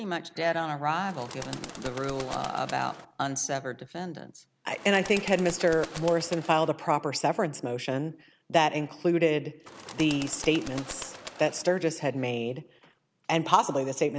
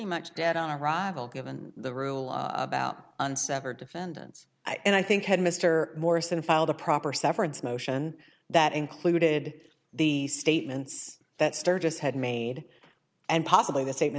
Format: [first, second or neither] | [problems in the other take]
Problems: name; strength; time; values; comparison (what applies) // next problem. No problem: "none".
second | background sound (Bird); 13 dB below the speech